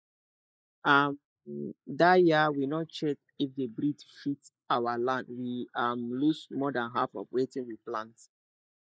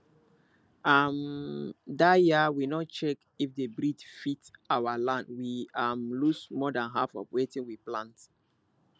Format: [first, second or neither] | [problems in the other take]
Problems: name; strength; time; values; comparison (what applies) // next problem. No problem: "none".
second | noise reduction (neural mask model Resemble Enhance denoiser)